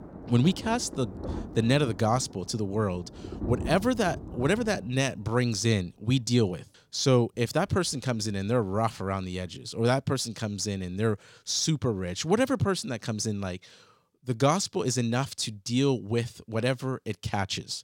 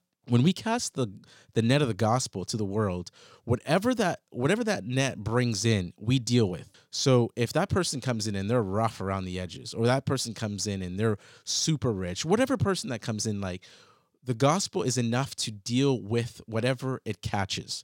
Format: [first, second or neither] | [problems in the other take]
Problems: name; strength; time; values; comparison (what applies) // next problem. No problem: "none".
second | rain or running water; noticeable; throughout; 10 dB below the speech